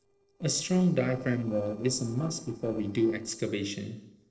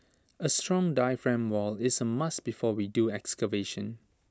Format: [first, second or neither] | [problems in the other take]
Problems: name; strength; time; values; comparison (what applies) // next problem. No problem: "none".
second | noise reduction (neural separator model SepFormer DNS4)